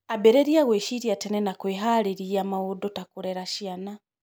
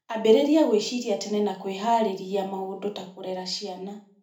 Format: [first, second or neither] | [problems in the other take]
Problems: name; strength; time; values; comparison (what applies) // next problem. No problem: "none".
first | room echo; dies away in 0.4 s